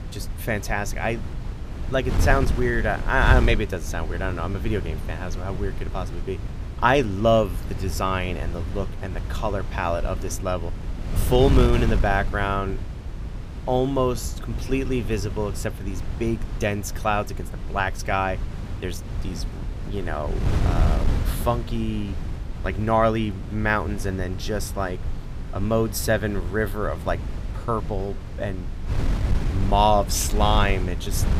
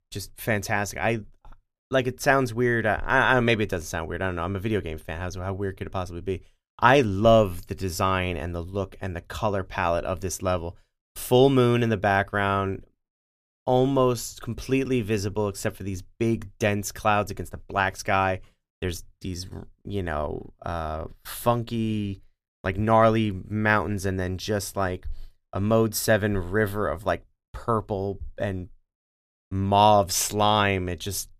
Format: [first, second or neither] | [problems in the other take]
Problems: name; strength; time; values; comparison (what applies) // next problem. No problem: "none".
second | wind noise on the microphone; occasional gusts; 15 dB below the speech